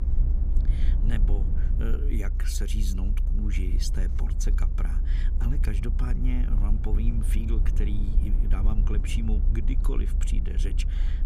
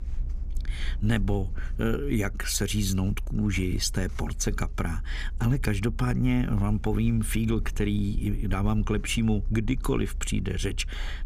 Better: second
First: low rumble; loud; throughout; 6 dB below the speech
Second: low rumble; faint; throughout; 25 dB below the speech

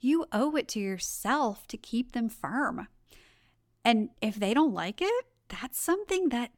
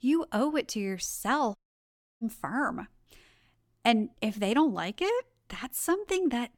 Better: first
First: none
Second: audio cutting out; at 1.5 s for 0.5 s

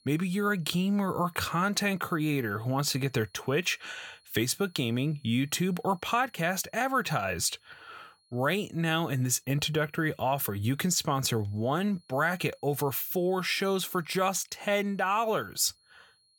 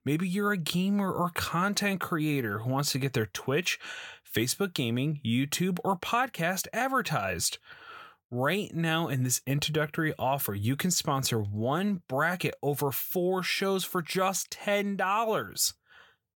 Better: second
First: high-pitched whine; faint; throughout; 4.5 kHz, 35 dB below the speech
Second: none

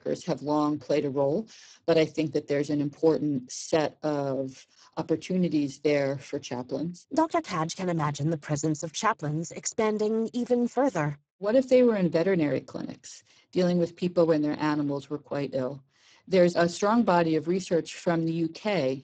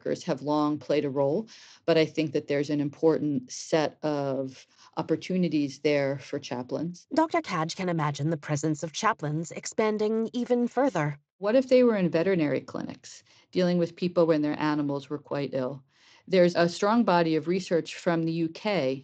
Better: second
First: garbled, watery; badly; nothing above 7.5 kHz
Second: garbled, watery; slightly; nothing above 7.5 kHz

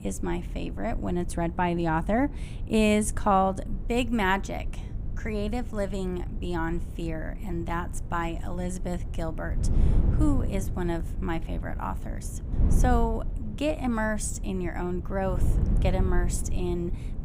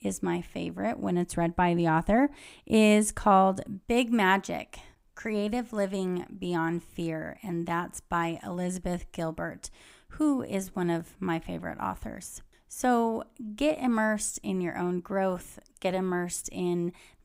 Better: second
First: wind noise on the microphone; occasional gusts; 15 dB below the speech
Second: none

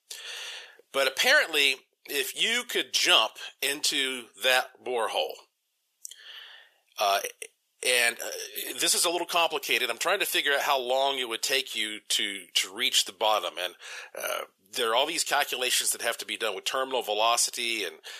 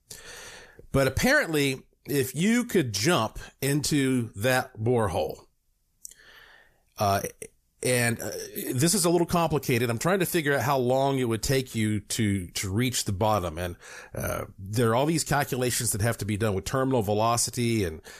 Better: second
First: thin; very; fading below 500 Hz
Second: none

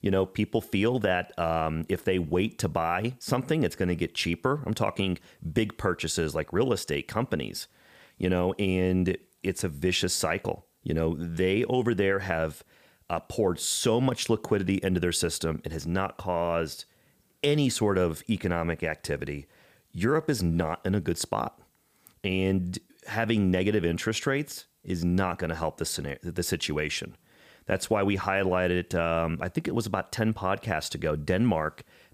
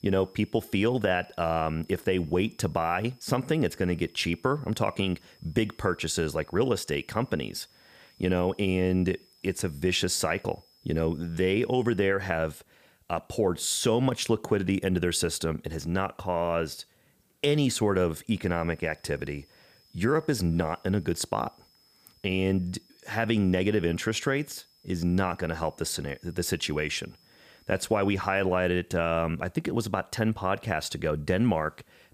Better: first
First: none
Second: high-pitched whine; faint; until 12 s and from 18 to 28 s; 5 kHz, 30 dB below the speech

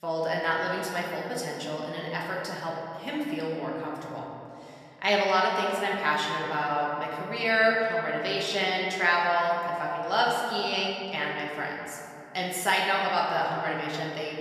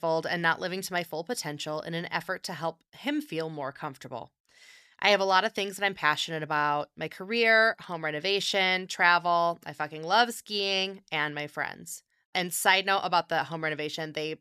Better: second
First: room echo; noticeable; dies away in 2.4 s // off-mic speech; far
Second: none

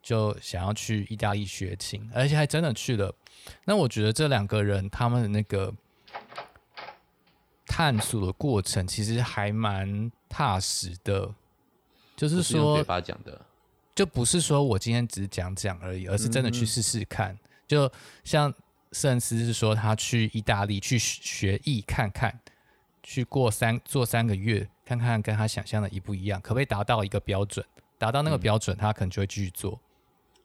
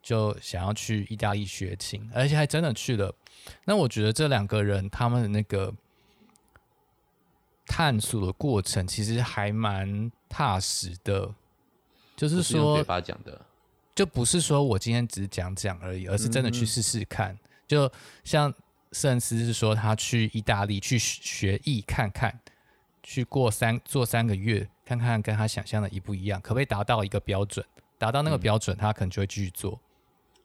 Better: second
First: door banging; faint; from 6 to 8 s; peak 15 dB below the speech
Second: none

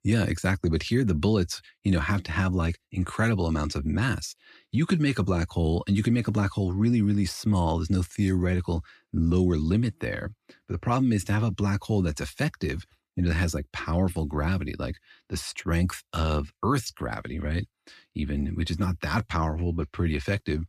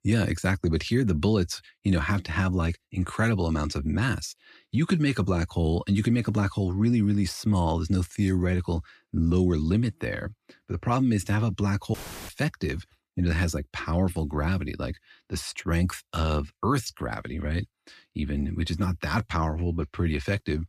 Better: first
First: none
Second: audio cutting out; filled with static; at 12 s

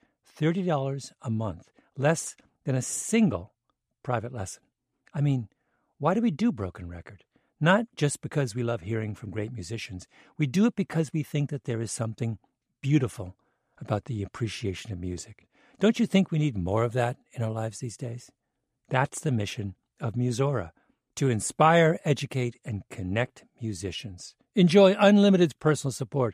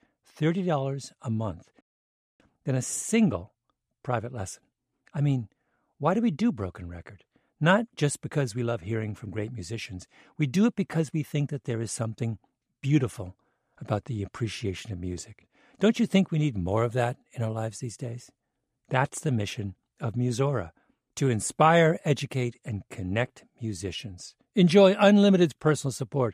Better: first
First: none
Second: audio cutting out; at 2 s for 0.5 s

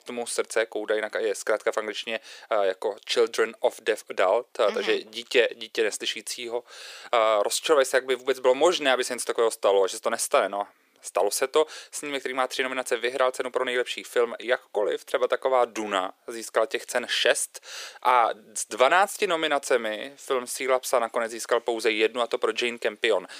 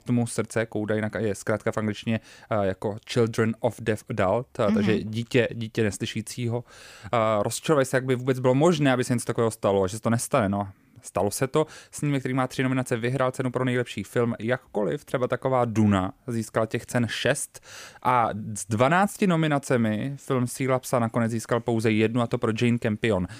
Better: second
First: thin; very; fading below 400 Hz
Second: none

